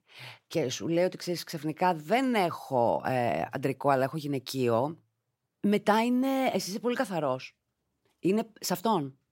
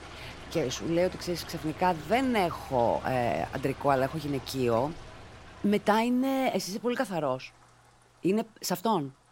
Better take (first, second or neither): first